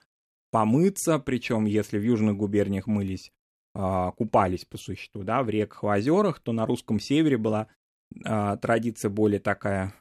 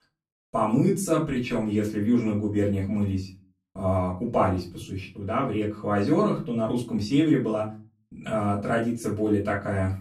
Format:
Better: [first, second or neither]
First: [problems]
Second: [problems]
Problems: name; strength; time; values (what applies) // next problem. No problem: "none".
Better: first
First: none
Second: off-mic speech; far // room echo; slight; dies away in 0.3 s